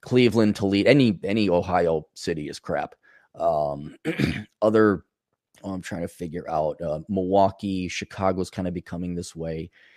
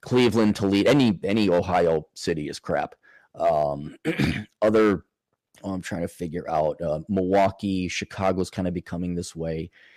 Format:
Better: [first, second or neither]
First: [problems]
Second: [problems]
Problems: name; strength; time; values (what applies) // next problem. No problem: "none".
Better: first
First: none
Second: distortion; slight; 3% of the sound clipped